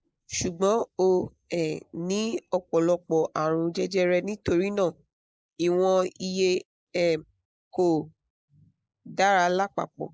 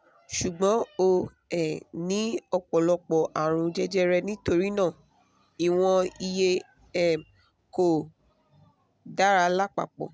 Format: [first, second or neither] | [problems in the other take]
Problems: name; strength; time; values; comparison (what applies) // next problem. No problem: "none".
second | noise reduction (neural mask model Resemble Enhance denoiser)